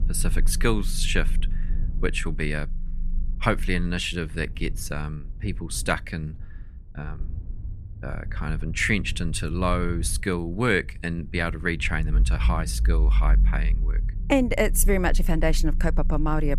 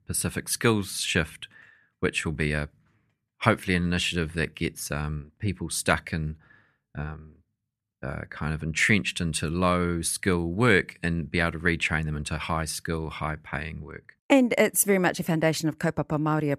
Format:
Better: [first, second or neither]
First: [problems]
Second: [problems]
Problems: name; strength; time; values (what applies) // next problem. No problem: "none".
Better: second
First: low rumble; faint; throughout; 20 dB below the speech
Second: none